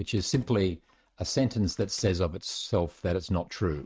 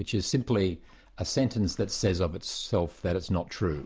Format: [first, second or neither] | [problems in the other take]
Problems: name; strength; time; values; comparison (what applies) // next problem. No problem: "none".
second | noise reduction (neural mask model RNNoise)